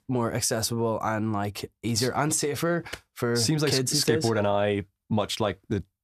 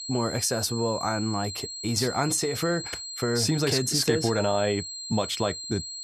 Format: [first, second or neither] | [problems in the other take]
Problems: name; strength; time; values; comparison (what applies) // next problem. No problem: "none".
first | high-pitched whine; loud; throughout; 4 kHz, 8 dB below the speech